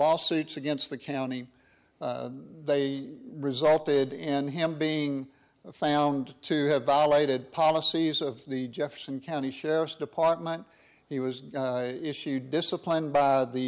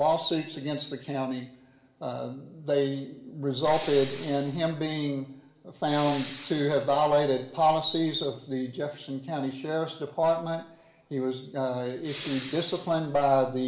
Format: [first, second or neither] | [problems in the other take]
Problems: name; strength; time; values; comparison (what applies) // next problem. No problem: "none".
first | background sound (Respiratory sounds); 15 dB below the speech // room echo; dies away in 0.9 s